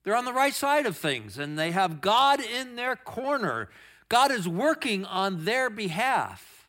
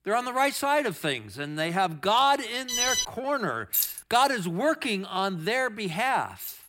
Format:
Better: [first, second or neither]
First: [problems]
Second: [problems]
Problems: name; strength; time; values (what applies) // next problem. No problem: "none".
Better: first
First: none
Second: alarm; loud; at 2.5 s; peak 2 dB above the speech // jangling keys; loud; at 3.5 s; peak 1 dB above the speech // jangling keys; faint; at 6.5 s; peak 10 dB below the speech